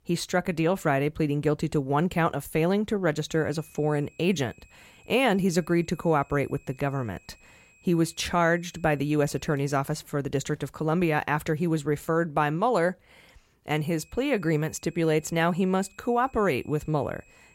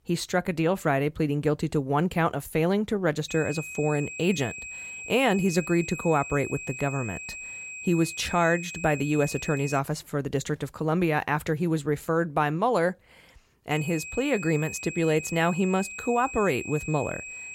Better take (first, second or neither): first